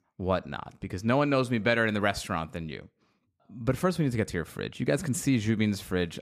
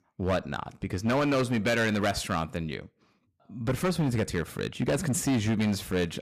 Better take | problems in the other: first | distortion; heavy; 11% of the sound clipped

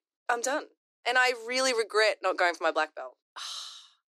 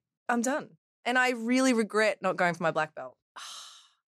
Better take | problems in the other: second | thin; very; fading below 300 Hz

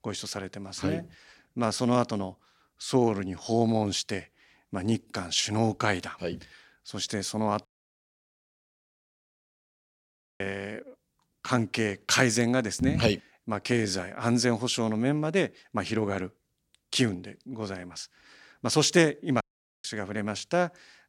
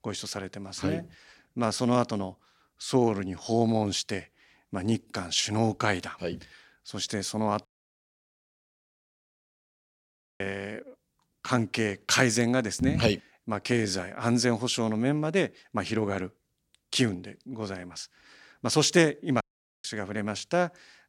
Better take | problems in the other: neither | audio cutting out; at 7.5 s for 3 s and at 19 s; the same in both

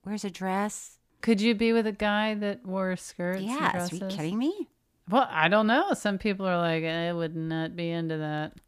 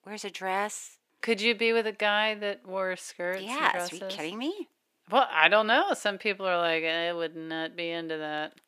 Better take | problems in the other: first | thin; somewhat; fading below 450 Hz

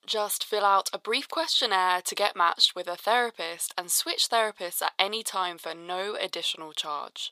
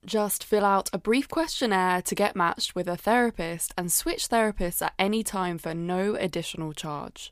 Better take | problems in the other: second | thin; very; fading below 600 Hz

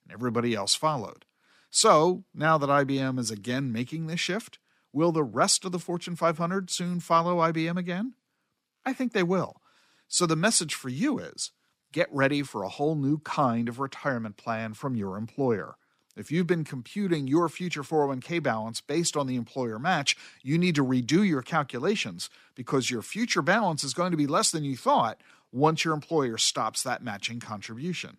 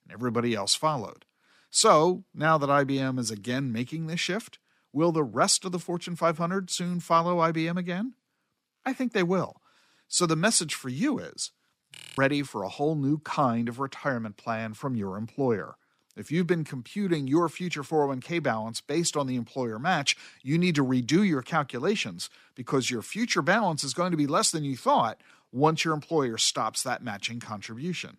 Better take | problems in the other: first | audio freezing; at 12 s

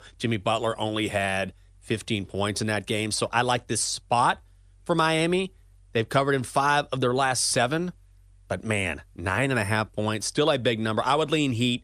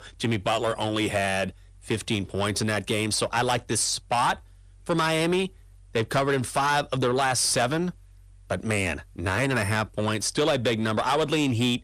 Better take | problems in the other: first | distortion; slight; 10 dB below the speech

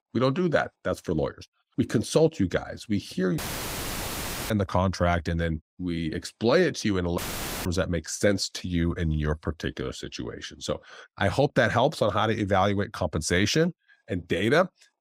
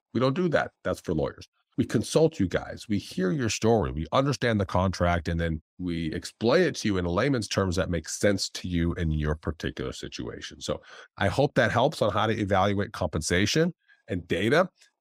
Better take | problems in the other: second | audio cutting out; filled with static; at 3.5 s for 1 s and at 7 s

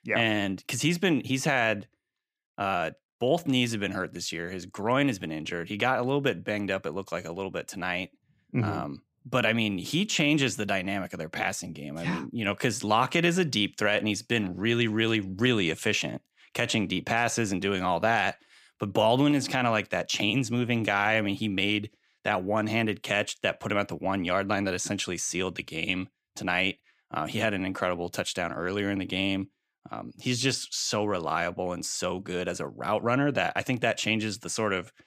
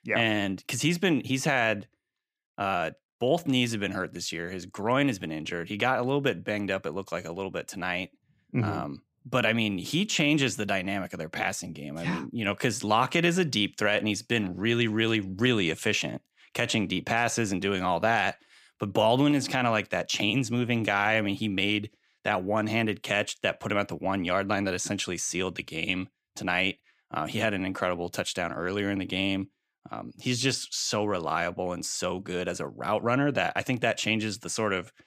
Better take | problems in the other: neither | none

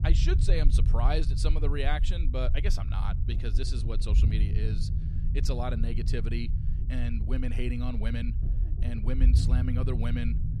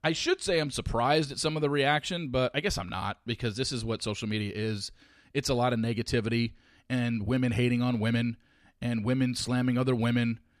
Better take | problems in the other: second | low rumble; loud; throughout; 8 dB below the speech

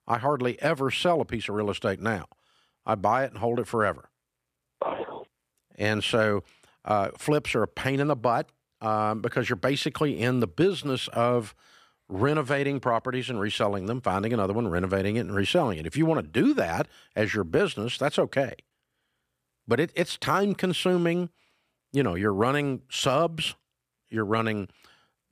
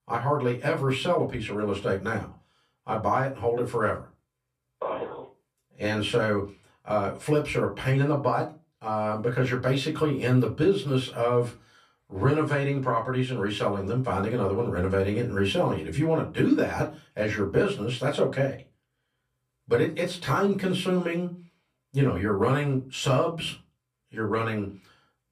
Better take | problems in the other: first | off-mic speech; far // room echo; very slight; dies away in 0.2 s

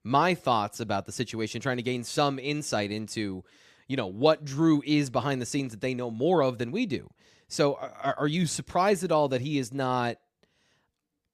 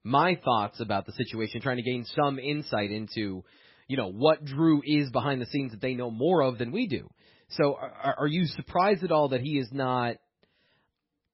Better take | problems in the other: first | garbled, watery; badly; nothing above 5.5 kHz

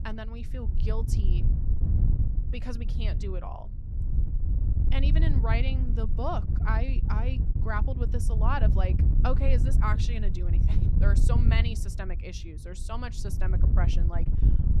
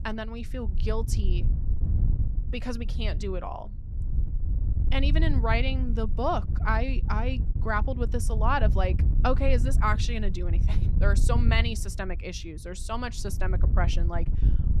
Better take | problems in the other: second | wind noise on the microphone; heavy; 6 dB below the speech; occasional gusts in the second

